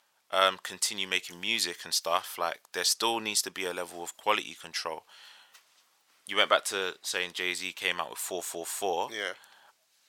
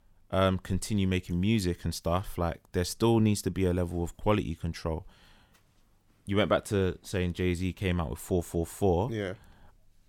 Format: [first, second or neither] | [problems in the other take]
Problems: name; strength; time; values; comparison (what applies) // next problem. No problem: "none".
second | thin; very; fading below 850 Hz